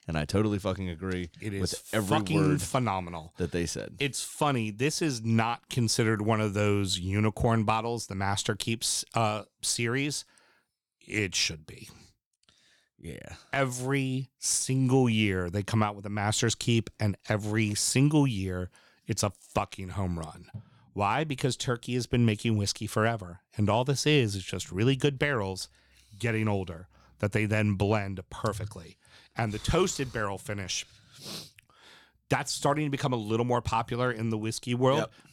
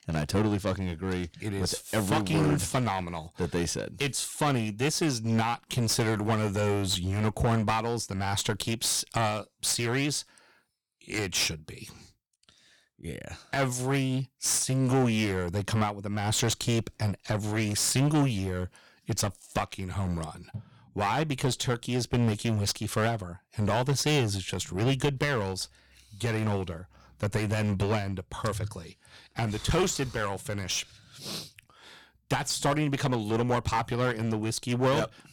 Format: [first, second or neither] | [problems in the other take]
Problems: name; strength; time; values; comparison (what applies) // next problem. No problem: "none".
first | distortion; heavy; 10% of the sound clipped